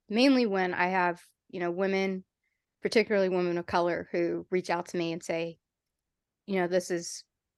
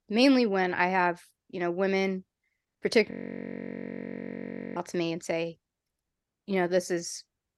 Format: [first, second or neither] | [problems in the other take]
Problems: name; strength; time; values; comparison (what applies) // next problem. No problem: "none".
first | audio freezing; at 3 s for 1.5 s